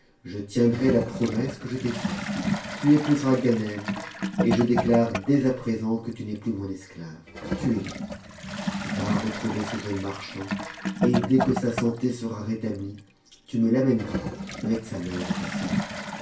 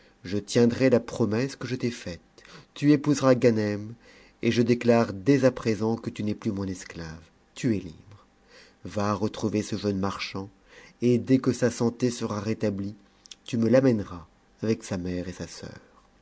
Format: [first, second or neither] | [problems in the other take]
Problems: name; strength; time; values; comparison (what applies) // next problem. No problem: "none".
second | background sound (Toilet flush / Gurgling); 5 dB below the speech // room echo; dies away in 0.3 s